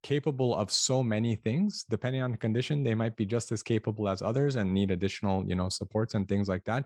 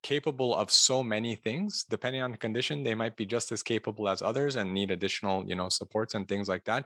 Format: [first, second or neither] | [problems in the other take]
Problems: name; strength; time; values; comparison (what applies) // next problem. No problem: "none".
first | thin; somewhat; fading below 550 Hz